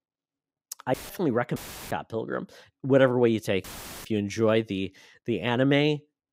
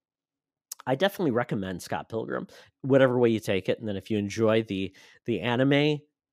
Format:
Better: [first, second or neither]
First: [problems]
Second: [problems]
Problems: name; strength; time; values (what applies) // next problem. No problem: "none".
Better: second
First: audio cutting out; filled with static; at 1 s, at 1.5 s and at 3.5 s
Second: none